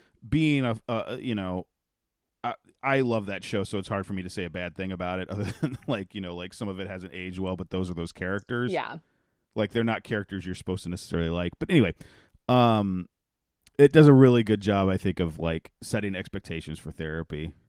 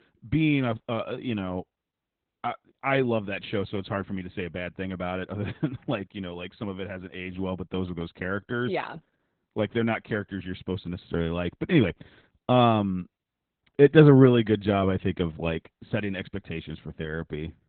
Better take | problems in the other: first | garbled, watery; badly; nothing above 3.5 kHz; slightly in the first

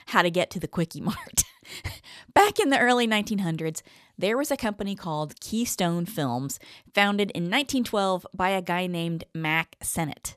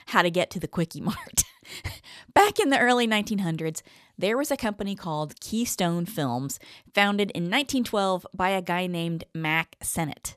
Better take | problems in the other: neither | none

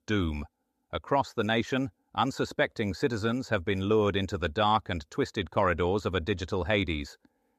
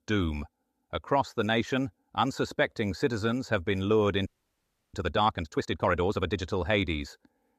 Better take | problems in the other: first | audio freezing; at 4.5 s for 0.5 s

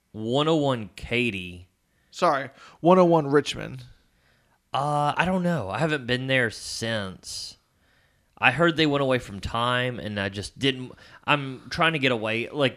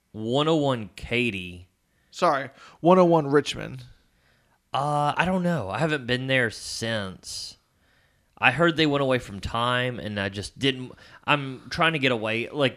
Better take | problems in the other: neither | none

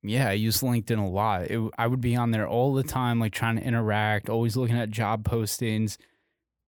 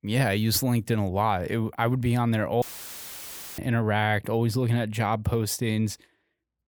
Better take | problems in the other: first | audio cutting out; filled with static; at 2.5 s for 1 s

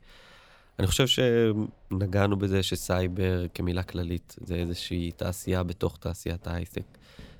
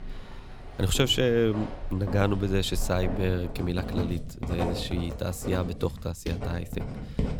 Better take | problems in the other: first | household noises; loud; throughout; 8 dB below the speech; faint in the first

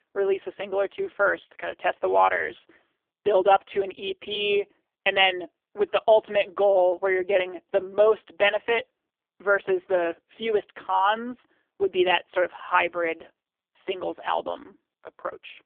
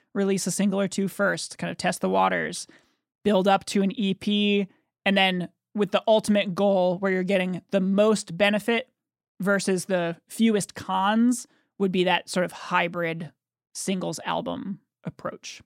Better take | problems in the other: second | phone-call audio; poor line; nothing above 3.5 kHz

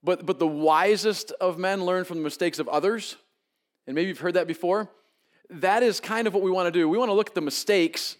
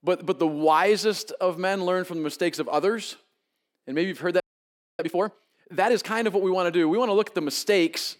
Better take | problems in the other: first | audio freezing; at 4.5 s for 0.5 s

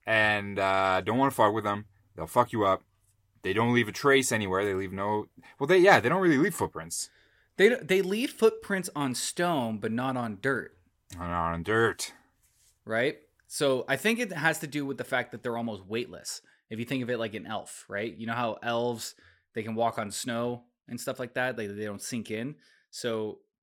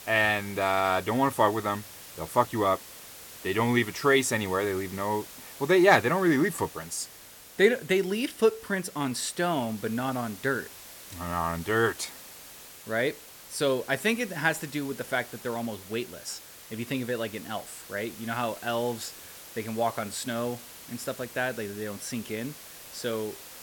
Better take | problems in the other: first | hiss; noticeable; throughout; 15 dB below the speech

